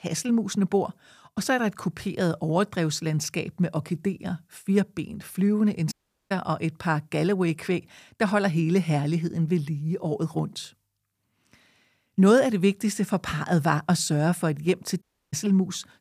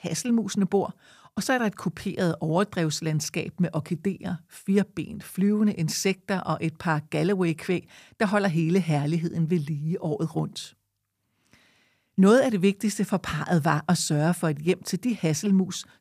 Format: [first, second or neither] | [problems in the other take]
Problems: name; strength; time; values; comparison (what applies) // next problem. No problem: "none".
second | audio cutting out; at 6 s and at 15 s